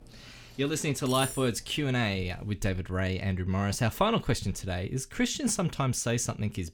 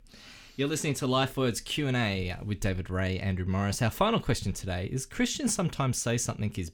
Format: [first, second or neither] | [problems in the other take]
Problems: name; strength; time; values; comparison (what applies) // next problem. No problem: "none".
second | clattering dishes; noticeable; until 2 s; peak 7 dB below the speech